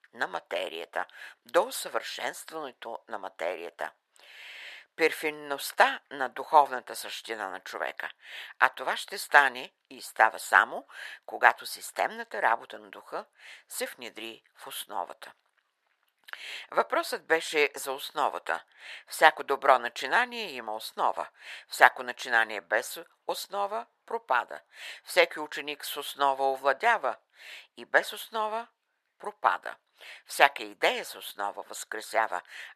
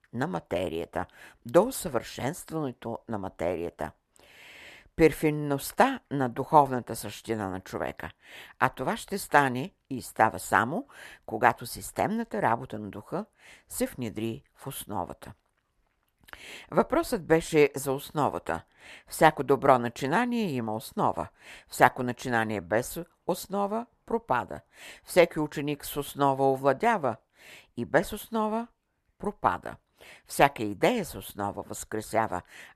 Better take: second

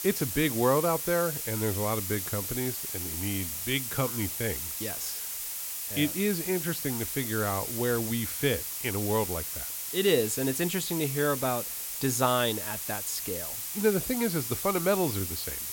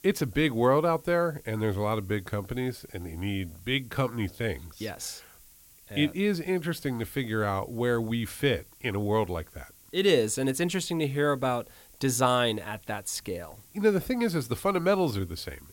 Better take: second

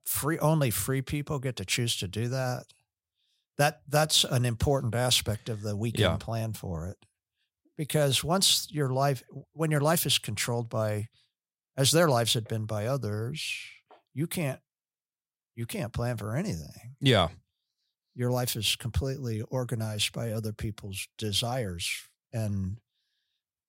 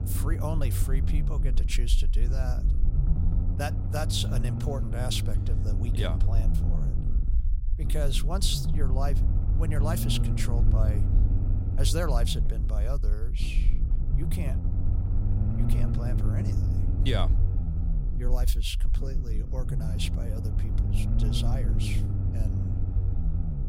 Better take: first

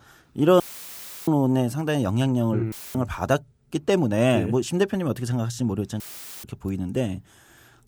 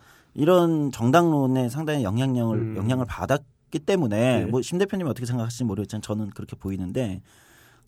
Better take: second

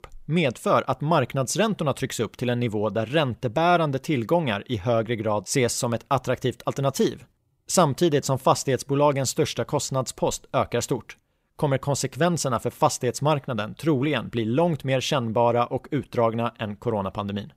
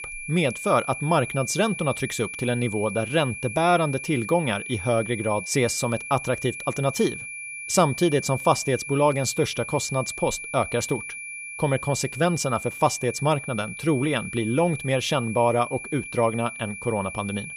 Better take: first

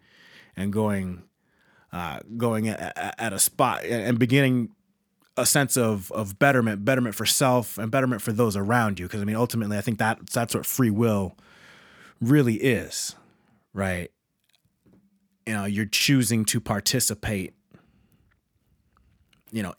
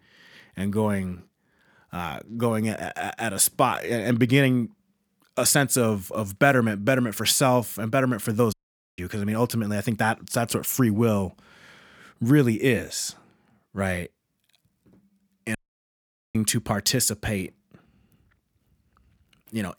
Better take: first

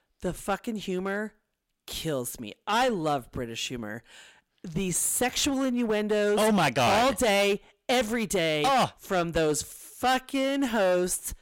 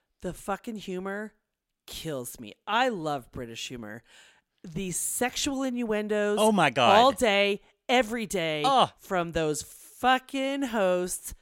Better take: second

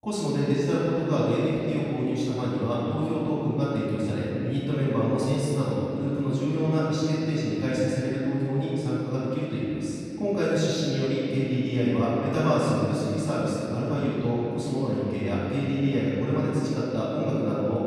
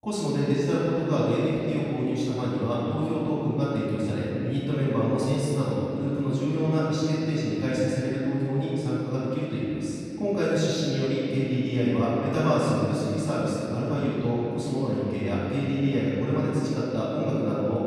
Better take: neither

